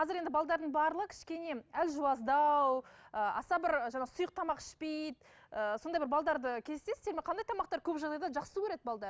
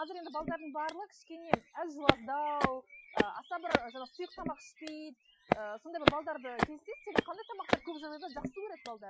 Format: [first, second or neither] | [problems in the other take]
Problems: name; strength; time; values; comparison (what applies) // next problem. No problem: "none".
first | noise reduction (classical method Wiener filter)